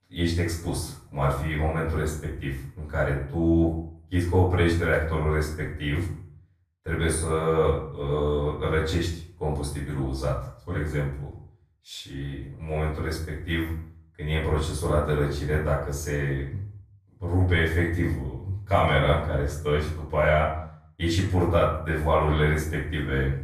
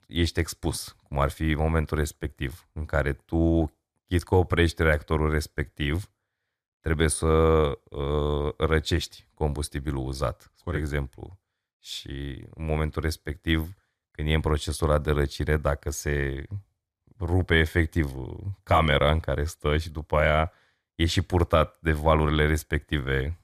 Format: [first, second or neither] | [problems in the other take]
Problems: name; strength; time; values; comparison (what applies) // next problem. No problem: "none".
second | off-mic speech; far // room echo; noticeable; dies away in 0.5 s